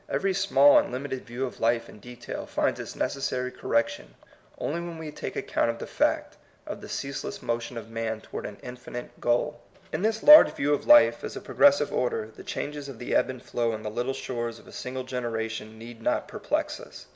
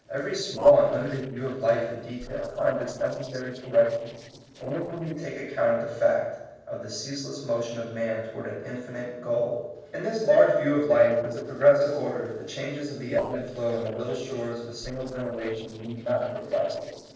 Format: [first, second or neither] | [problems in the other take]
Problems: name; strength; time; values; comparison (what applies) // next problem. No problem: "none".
first | noise reduction (neural separator model SepFormer DNS4)